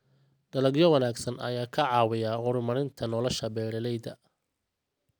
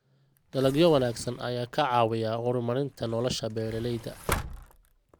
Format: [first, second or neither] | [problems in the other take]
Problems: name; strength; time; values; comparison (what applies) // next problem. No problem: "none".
first | background sound (Sliding door); 13 dB below the speech